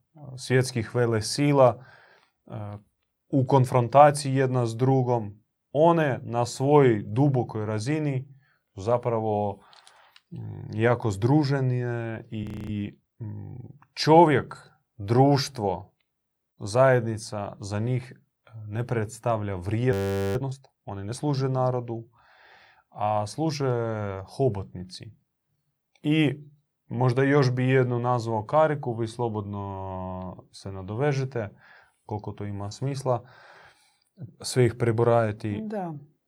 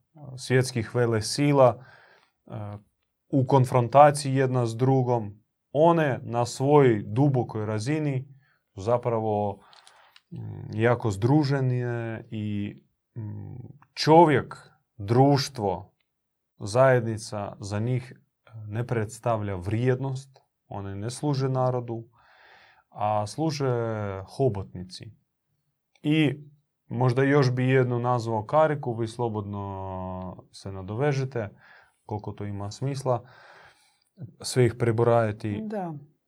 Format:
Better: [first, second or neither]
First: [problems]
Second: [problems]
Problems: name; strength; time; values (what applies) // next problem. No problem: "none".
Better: second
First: audio freezing; at 12 s and at 20 s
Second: none